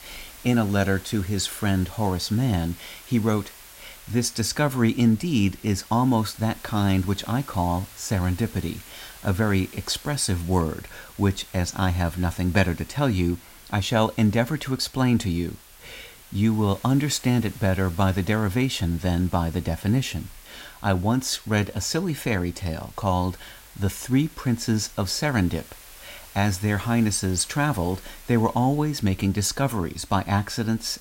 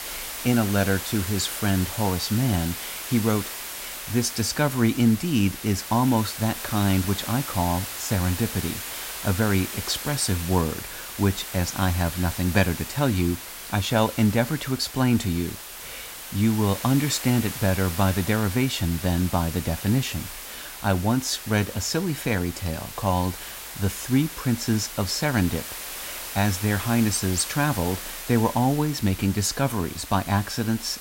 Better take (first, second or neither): first